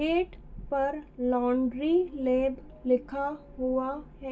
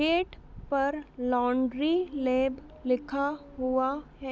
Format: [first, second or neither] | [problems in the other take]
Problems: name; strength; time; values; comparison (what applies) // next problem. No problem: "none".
second | room echo; dies away in 0.2 s